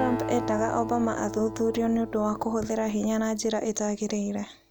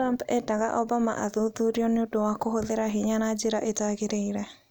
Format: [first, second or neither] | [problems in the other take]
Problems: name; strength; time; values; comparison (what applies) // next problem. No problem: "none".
second | background sound (Acoustic guitar); 9 dB below the speech